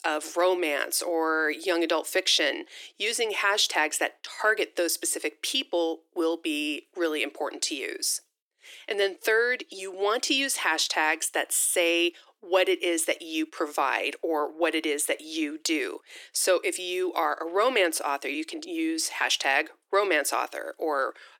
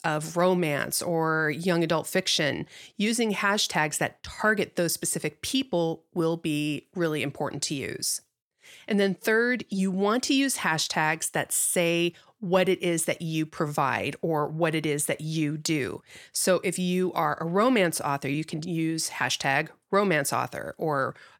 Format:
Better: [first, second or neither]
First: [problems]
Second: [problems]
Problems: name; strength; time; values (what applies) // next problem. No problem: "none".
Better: second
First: thin; somewhat; fading below 300 Hz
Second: none